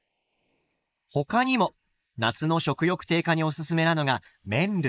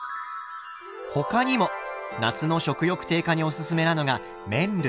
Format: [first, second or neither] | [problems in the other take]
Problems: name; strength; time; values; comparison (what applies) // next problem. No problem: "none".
second | noise reduction (neural mask model Resemble Enhance denoiser)